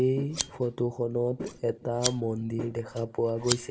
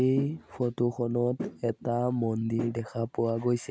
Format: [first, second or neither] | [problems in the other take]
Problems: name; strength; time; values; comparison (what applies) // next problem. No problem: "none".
second | background sound (Scissors); 9 dB below the speech // room echo; dies away in 0.5 s